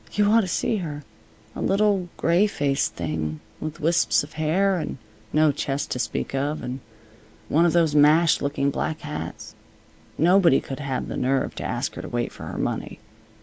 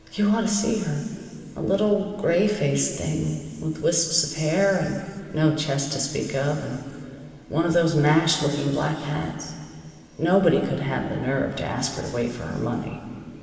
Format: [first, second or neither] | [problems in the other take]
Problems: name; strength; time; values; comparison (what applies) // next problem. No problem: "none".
first | room echo; dies away in 2.5 s